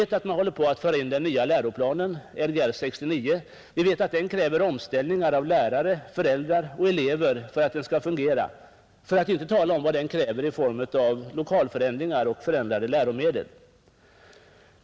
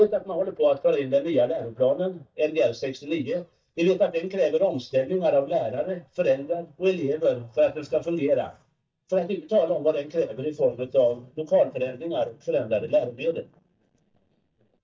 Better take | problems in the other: first | noise reduction (neural mask model DeepFilterNet 3)

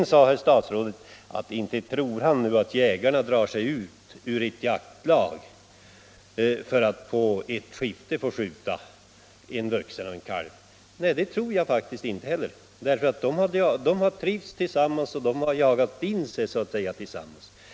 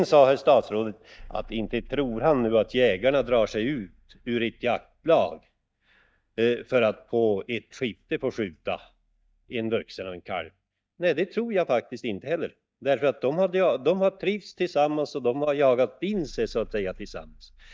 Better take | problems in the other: first | noise reduction (neural mask model DeepFilterNet 3)

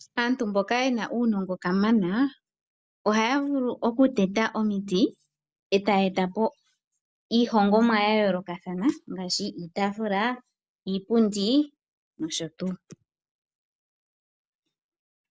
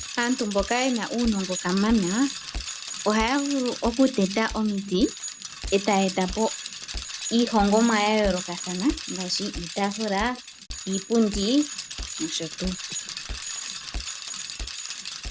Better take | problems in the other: first | background sound (Bicycle); 9 dB below the speech

